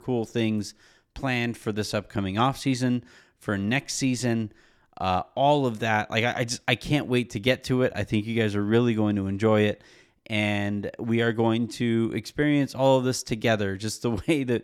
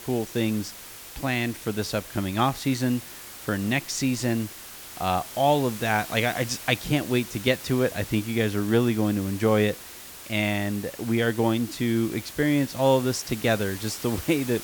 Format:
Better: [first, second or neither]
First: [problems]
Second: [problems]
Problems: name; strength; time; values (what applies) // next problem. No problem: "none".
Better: first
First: none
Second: hiss; noticeable; throughout; 15 dB below the speech